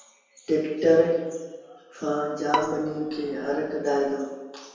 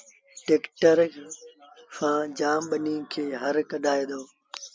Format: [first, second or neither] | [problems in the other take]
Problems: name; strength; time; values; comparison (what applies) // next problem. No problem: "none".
second | background sound (Bowed string instrument); 8 dB below the speech // room echo; dies away in 1.2 s